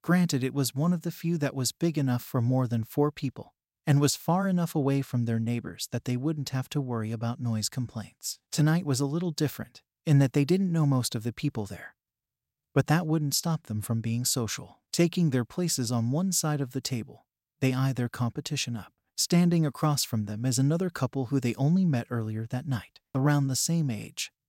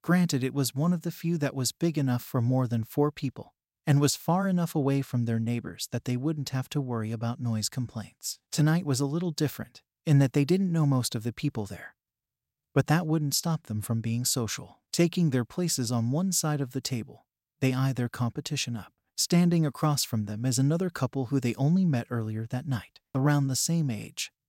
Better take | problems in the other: neither | none

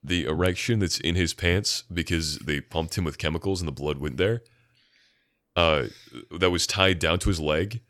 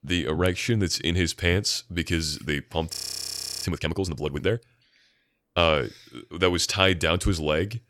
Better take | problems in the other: first | audio freezing; at 3 s for 0.5 s

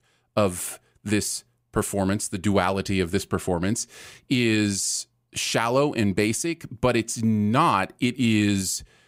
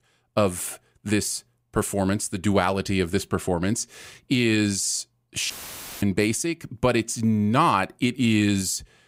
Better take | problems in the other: first | audio cutting out; filled with static; at 5.5 s for 0.5 s

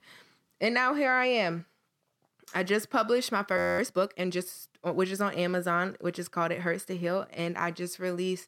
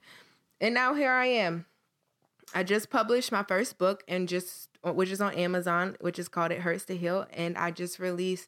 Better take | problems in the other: second | audio freezing; at 3.5 s

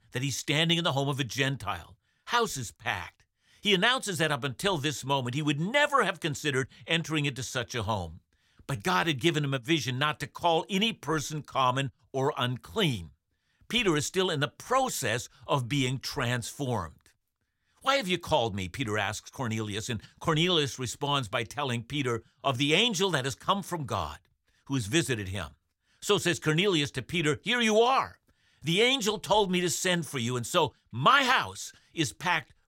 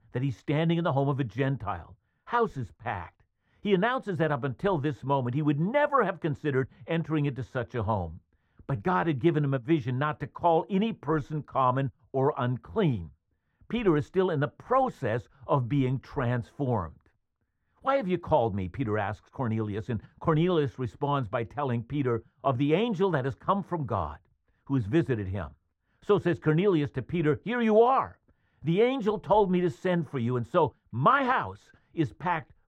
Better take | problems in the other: first | muffled; very; fading above 3 kHz

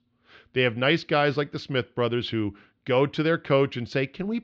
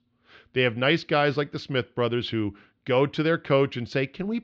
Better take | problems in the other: neither | muffled; slightly; fading above 4 kHz; the same in both

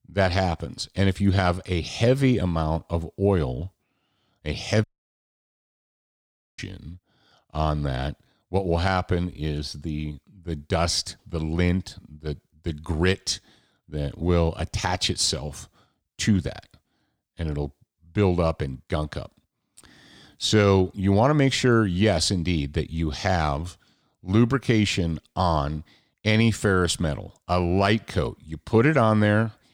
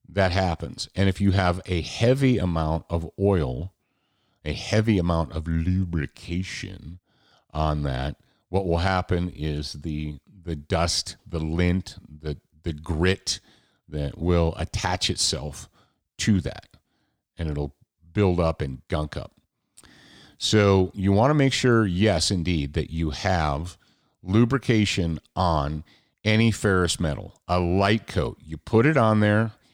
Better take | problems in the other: second | audio cutting out; at 5 s for 1.5 s

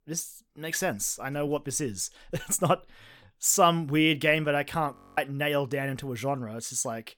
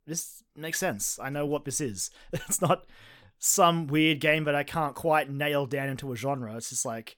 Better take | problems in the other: second | audio freezing; at 5 s

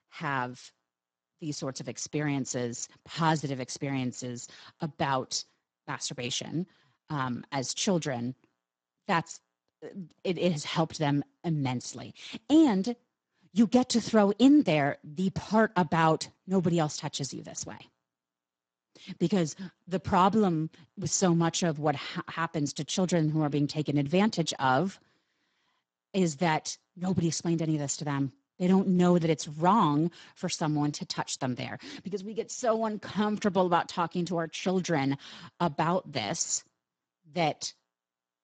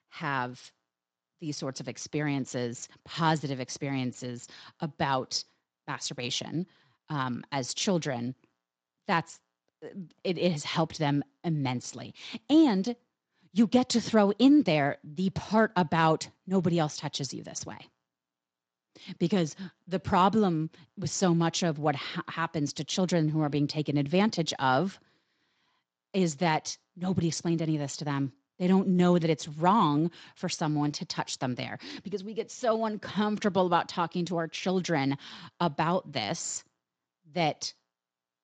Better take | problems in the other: second | garbled, watery; badly; nothing above 7.5 kHz; slightly in the second

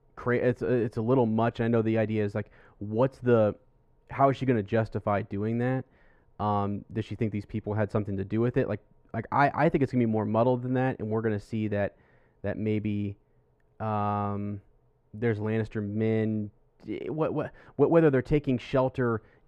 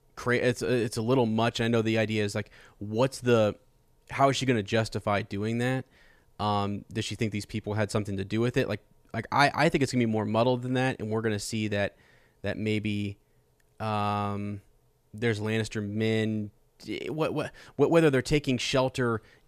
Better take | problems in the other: second | muffled; very; fading above 3 kHz

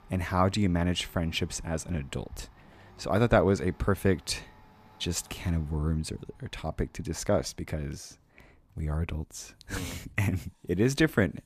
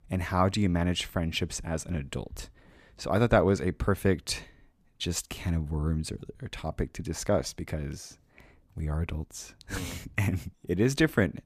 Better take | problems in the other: second | household noises; faint; throughout; 30 dB below the speech

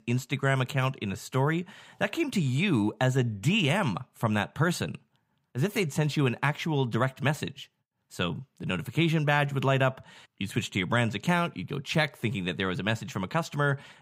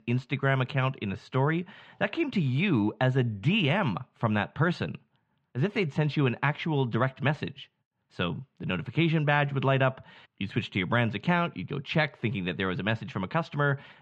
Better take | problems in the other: first | muffled; slightly; fading above 3.5 kHz

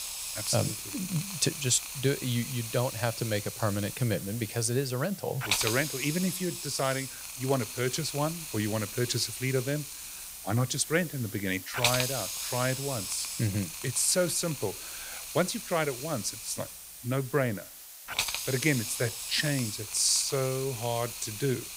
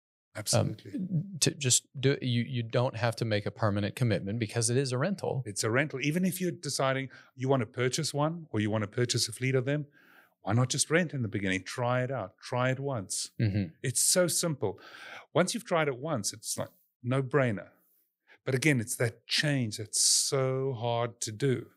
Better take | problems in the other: second | hiss; loud; throughout; 5 dB below the speech

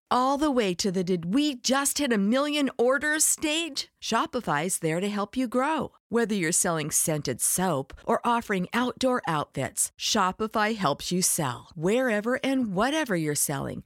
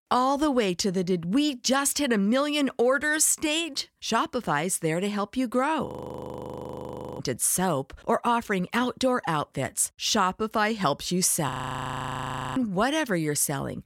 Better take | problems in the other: first | audio freezing; at 6 s for 1.5 s and at 11 s for 1 s

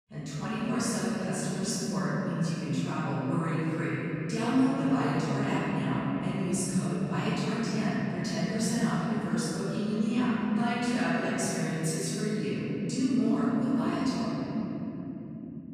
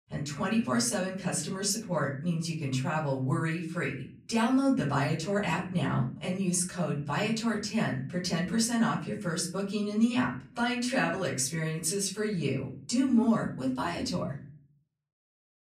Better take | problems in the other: second | room echo; strong; dies away in 3 s; slight in the second // off-mic speech; far; far in the second

